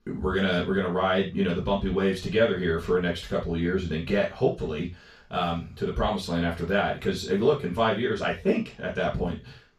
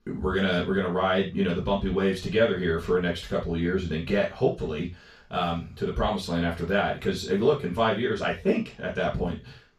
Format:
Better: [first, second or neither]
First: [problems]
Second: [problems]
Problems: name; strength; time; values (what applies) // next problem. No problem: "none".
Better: neither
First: room echo; slight; dies away in 0.2 s // off-mic speech; far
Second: room echo; slight; dies away in 0.2 s // off-mic speech; far